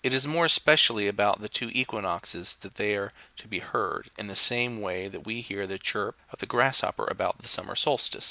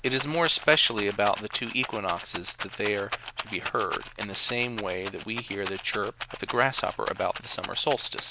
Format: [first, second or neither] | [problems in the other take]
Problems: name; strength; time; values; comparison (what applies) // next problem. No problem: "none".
first | background sound (Rattle); 10 dB below the speech